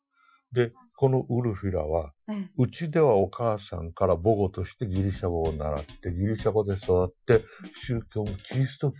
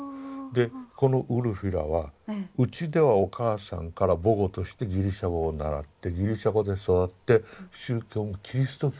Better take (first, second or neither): second